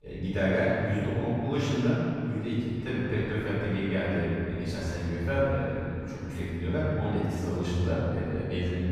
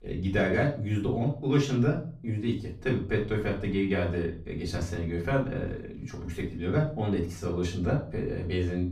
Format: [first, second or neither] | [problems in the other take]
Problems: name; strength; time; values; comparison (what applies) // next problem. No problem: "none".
second | room echo; strong; dies away in 2.6 s; slight in the second // off-mic speech; far; far in the second